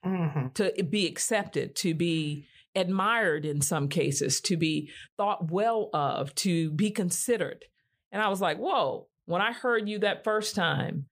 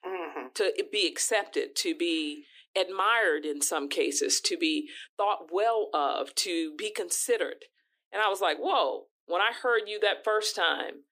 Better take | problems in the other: first | thin; very; fading below 300 Hz

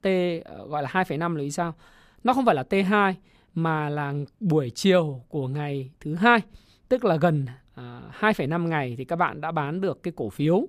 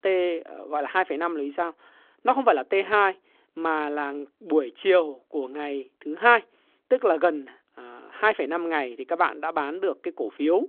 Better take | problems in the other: first | phone-call audio; nothing above 3.5 kHz

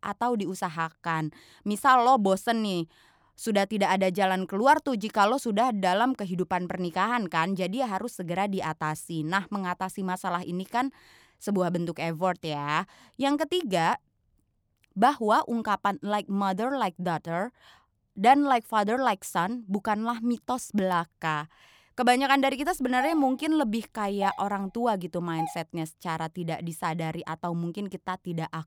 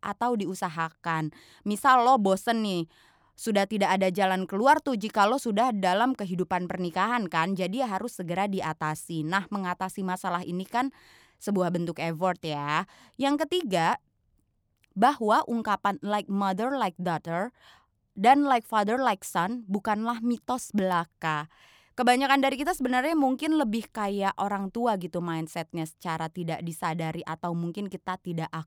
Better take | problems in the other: second | doorbell; noticeable; from 23 to 26 s; peak 8 dB below the speech

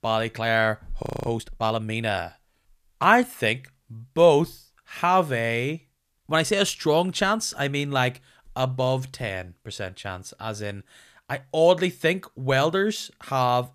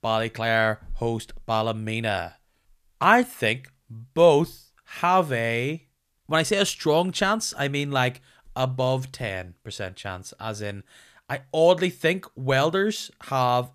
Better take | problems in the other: second | audio freezing; at 1 s

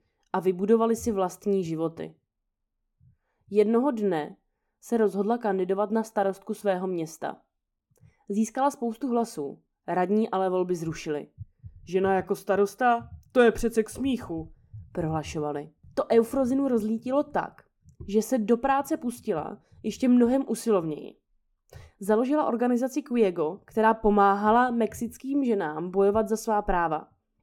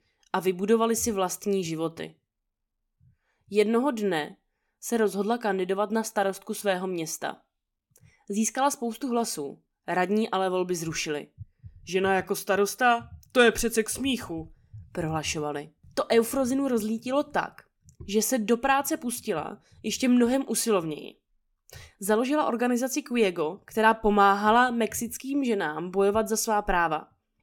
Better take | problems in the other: second | muffled; slightly; fading above 1.5 kHz

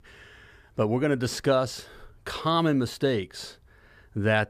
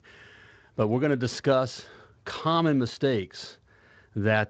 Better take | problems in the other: first | garbled, watery; slightly; nothing above 7.5 kHz

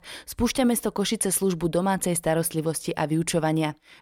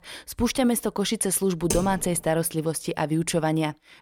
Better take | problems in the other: first | keyboard typing; noticeable; at 1.5 s; peak 5 dB below the speech

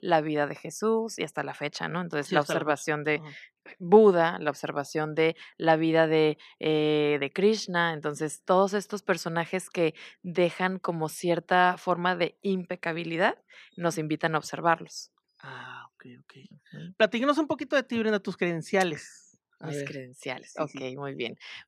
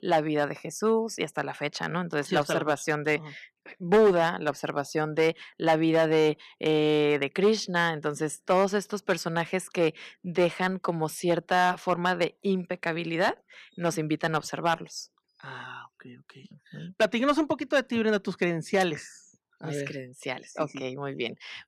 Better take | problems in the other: first | distortion; slight; 2% of the sound clipped

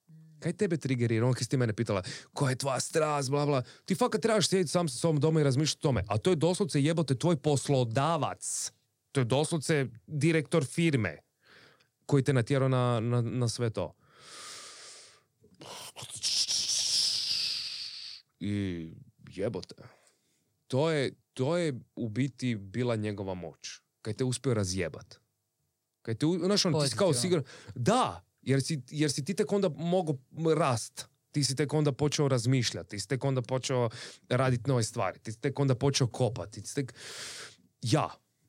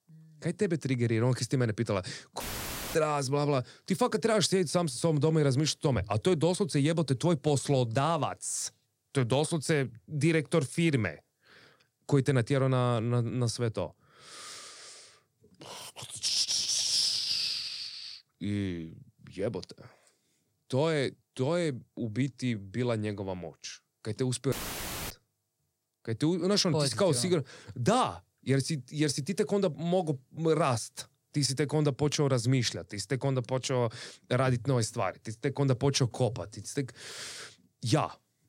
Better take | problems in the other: first | audio cutting out; filled with static; at 2.5 s for 0.5 s and at 25 s for 0.5 s

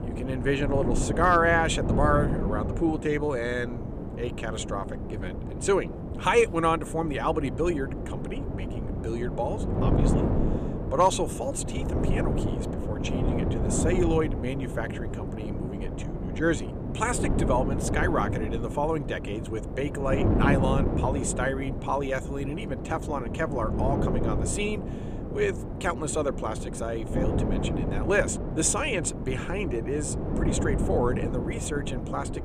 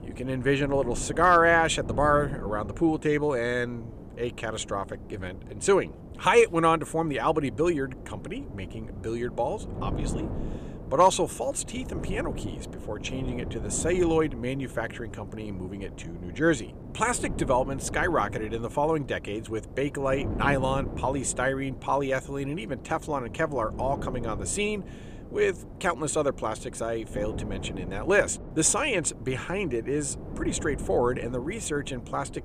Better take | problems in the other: second | wind noise on the microphone; heavy; 7 dB below the speech; occasional gusts in the second

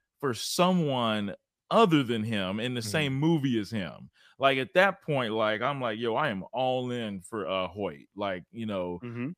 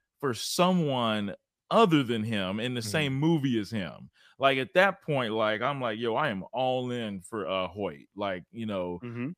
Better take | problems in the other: neither | none

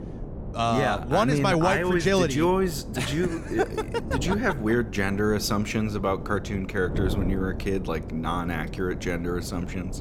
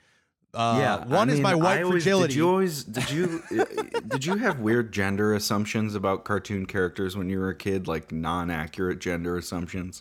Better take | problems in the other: second | wind noise on the microphone; occasional gusts; 15 dB below the speech

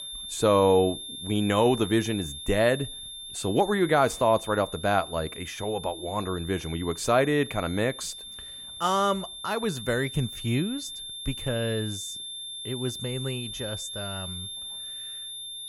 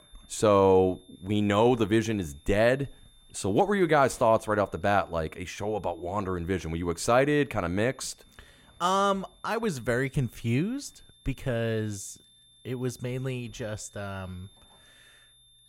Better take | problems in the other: second | high-pitched whine; loud; throughout; 3.5 kHz, 10 dB below the speech; faint in the second

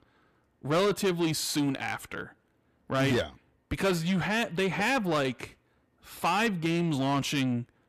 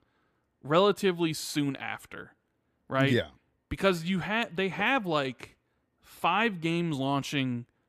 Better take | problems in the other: second | distortion; heavy; 8 dB below the speech

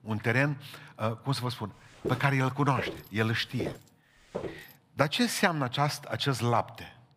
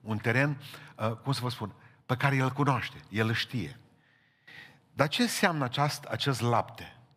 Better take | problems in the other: second | footsteps; noticeable; from 2 to 4.5 s; peak 8 dB below the speech

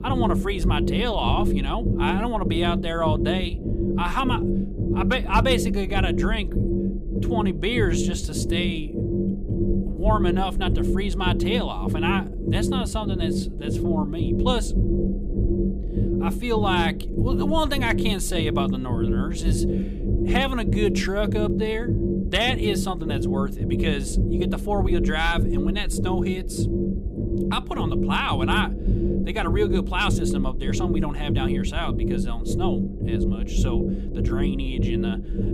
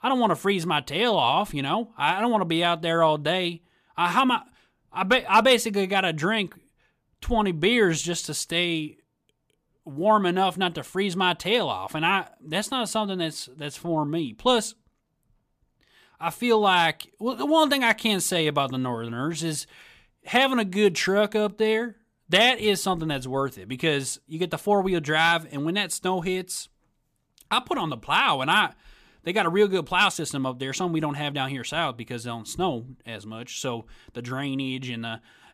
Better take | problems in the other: second | low rumble; loud; throughout; 5 dB below the speech

